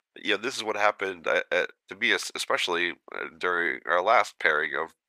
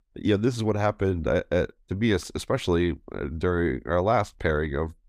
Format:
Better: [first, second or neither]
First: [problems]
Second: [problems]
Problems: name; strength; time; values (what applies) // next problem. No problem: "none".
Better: second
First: thin; very; fading below 700 Hz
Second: none